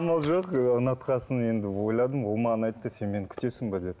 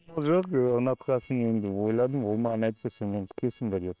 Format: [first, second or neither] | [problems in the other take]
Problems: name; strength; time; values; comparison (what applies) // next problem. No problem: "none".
first | noise reduction (neural separator model SepFormer WHAM!)